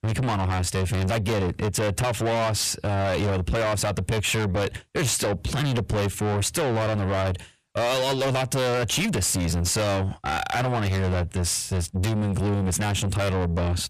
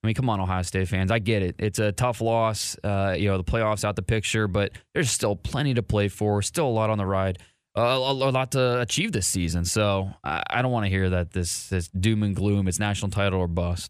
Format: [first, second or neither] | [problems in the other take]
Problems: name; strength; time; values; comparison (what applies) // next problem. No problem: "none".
second | distortion; heavy; 6 dB below the speech